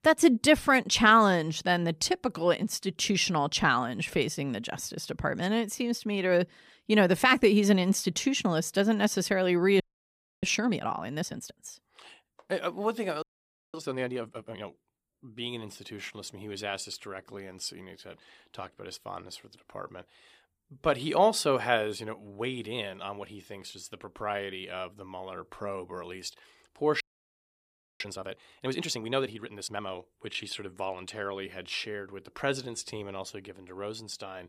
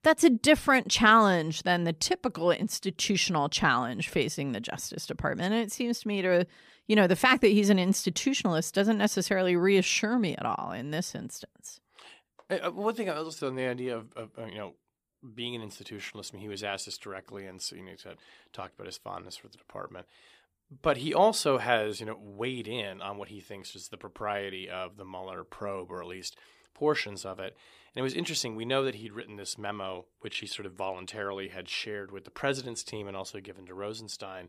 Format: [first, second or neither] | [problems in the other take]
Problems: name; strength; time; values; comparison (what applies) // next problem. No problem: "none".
second | audio freezing; at 10 s for 0.5 s, at 13 s for 0.5 s and at 27 s for 1 s